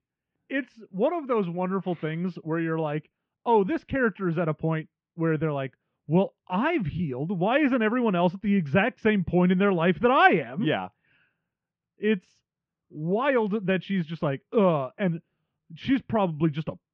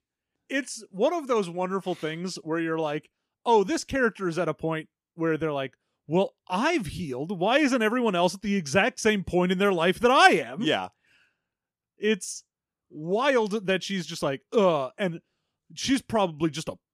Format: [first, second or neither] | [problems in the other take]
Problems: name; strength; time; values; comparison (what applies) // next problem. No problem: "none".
second | muffled; very; fading above 3 kHz